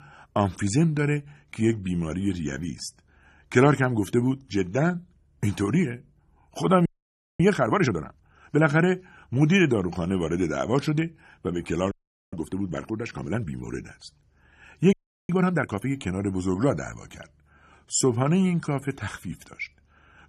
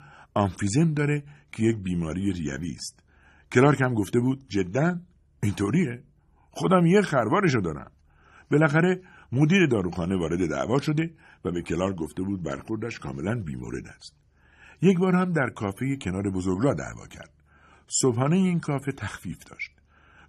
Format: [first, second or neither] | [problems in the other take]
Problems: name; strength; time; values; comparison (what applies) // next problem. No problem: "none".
second | audio freezing; at 7 s for 0.5 s, at 12 s and at 15 s